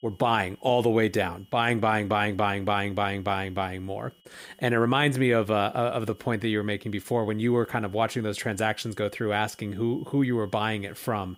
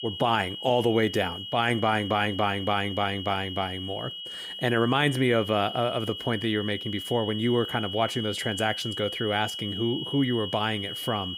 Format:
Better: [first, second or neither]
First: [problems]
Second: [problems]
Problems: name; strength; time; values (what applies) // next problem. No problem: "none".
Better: first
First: high-pitched whine; faint; throughout; 3 kHz, 35 dB below the speech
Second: high-pitched whine; loud; throughout; 3 kHz, 7 dB below the speech